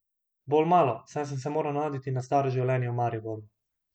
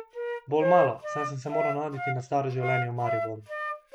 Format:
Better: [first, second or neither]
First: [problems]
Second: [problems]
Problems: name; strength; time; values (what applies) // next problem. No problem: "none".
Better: first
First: none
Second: background sound (Wind instrument, woodwind instrument); 1 dB below the speech